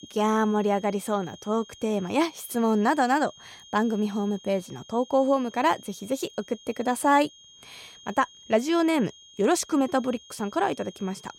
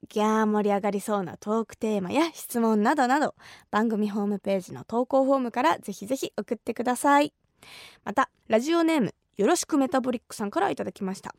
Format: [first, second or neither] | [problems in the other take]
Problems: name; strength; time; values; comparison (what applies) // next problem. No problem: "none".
second | high-pitched whine; faint; throughout; 3 kHz, 20 dB below the speech